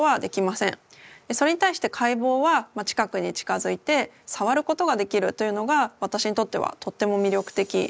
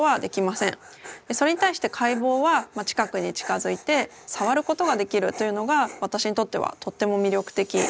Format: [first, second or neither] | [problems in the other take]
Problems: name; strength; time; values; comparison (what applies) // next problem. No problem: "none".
first | background sound (Dog); 16 dB below the speech